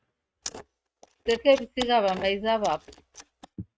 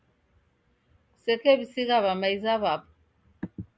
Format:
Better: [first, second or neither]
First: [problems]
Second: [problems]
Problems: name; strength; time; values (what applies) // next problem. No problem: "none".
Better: second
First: noise reduction (neural mask model RNNoise)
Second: none